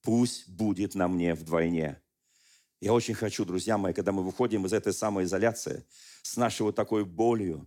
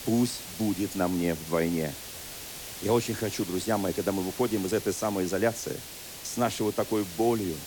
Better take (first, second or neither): first